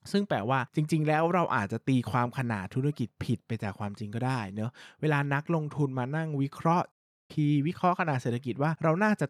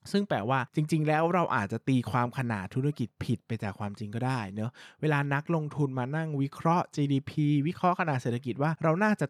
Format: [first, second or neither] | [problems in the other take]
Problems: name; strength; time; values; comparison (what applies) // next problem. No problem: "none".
second | audio cutting out; at 7 s